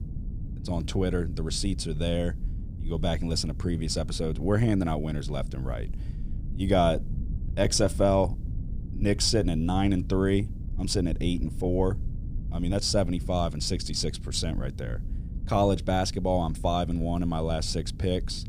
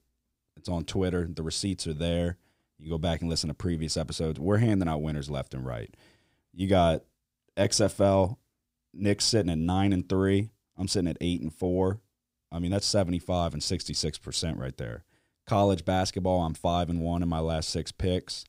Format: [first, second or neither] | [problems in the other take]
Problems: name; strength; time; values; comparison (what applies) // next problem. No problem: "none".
second | low rumble; faint; throughout; 20 dB below the speech